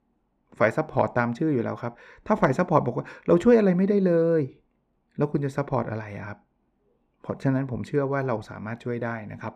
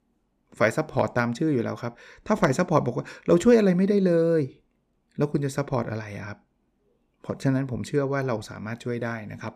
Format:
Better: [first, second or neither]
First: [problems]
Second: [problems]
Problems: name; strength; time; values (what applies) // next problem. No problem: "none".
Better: second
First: muffled; slightly; fading above 3.5 kHz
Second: none